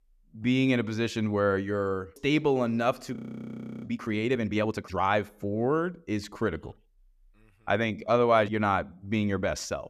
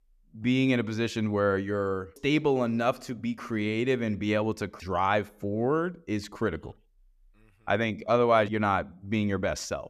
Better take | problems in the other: second | audio freezing; at 3 s for 0.5 s

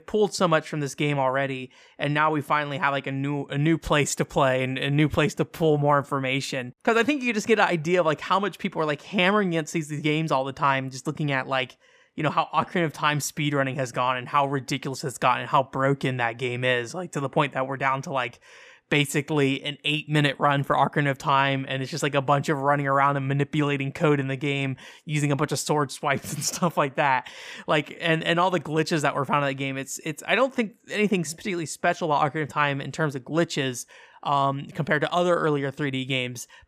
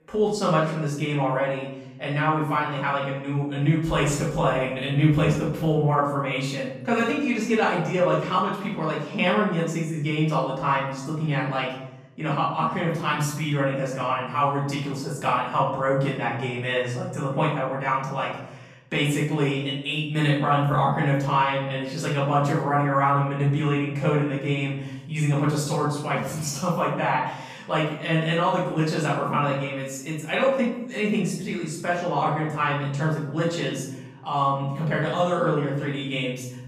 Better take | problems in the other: first | off-mic speech; far // room echo; noticeable; dies away in 0.9 s

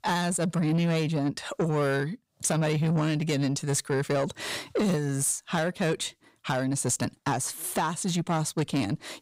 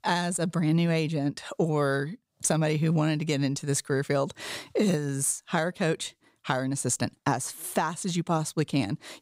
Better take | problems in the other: second | distortion; slight; 10 dB below the speech

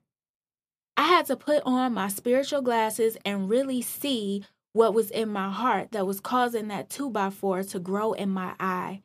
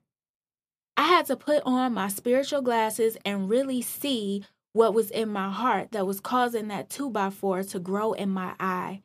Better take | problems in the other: neither | none

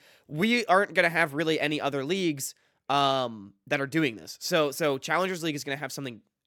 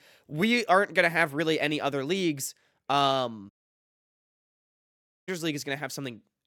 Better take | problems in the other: first | audio cutting out; at 3.5 s for 2 s

